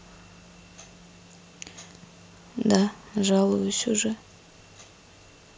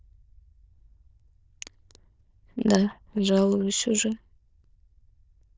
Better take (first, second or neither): first